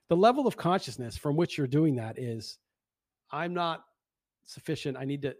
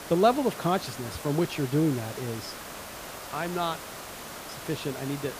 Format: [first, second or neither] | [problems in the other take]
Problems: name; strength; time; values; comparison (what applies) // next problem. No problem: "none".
first | hiss; noticeable; throughout; 10 dB below the speech